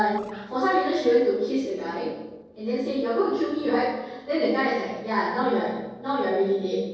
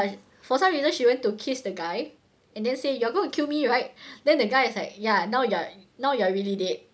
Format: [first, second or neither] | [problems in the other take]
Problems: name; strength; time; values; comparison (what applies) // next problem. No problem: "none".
second | noise reduction (neural separator model SepFormer DNS4)